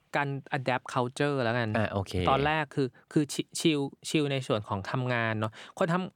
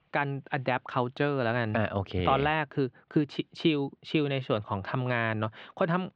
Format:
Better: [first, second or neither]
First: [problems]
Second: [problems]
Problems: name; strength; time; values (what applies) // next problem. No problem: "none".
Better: first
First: none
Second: muffled; slightly; fading above 3.5 kHz